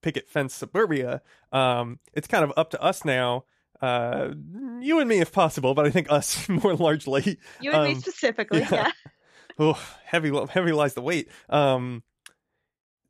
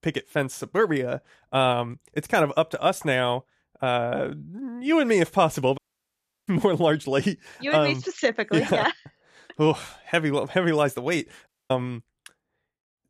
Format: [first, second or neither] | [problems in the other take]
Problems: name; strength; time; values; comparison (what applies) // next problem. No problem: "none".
first | audio cutting out; at 6 s for 0.5 s and at 11 s